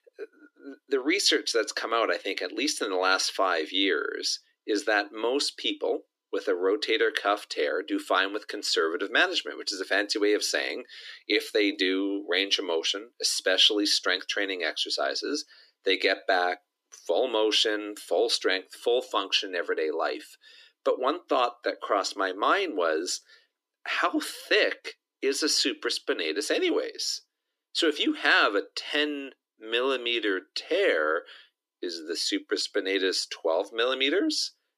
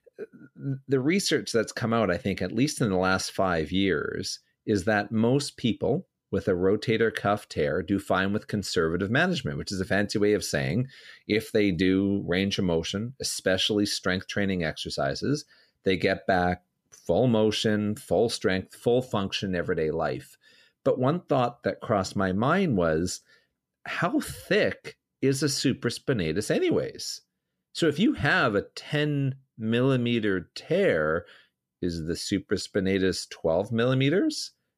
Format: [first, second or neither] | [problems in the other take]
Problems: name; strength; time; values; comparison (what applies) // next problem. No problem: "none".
second | thin; somewhat; fading below 300 Hz